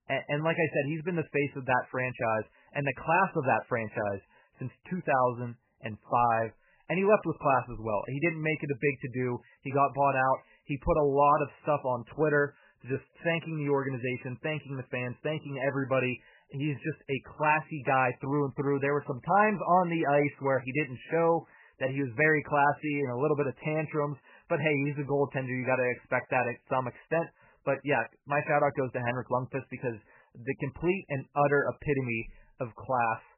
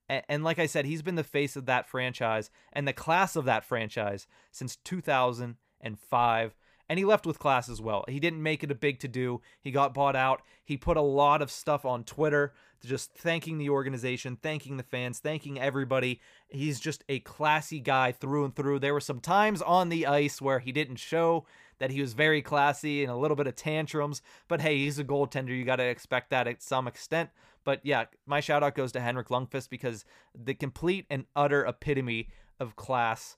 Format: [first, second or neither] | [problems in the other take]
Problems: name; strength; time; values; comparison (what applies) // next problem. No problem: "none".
second | garbled, watery; badly; nothing above 3 kHz